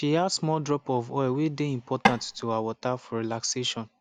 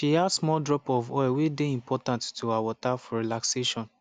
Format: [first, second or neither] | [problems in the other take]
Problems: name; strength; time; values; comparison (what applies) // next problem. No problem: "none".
second | background sound (Tap / Wood); 2 dB above the speech